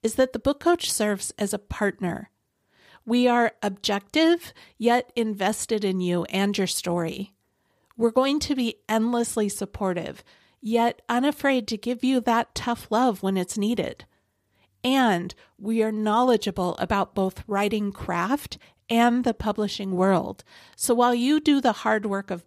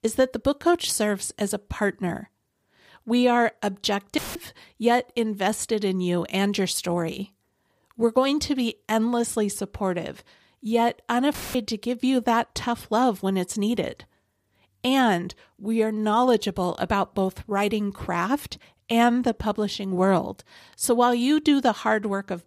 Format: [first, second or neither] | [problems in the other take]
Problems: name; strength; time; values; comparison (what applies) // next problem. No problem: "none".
first | audio cutting out; filled with static; at 4 s and at 11 s